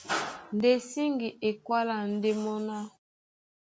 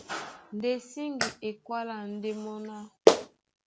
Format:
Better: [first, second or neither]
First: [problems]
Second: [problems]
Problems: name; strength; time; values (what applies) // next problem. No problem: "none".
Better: first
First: none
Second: background sound (Clapping); 5 dB above the speech